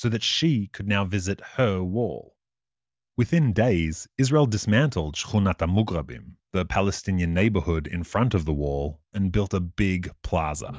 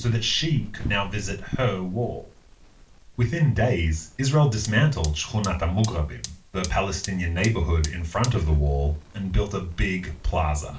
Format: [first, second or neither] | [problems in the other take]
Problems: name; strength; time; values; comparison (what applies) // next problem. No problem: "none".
first | background sound (Fire); 15 dB below the speech // room echo; dies away in 0.3 s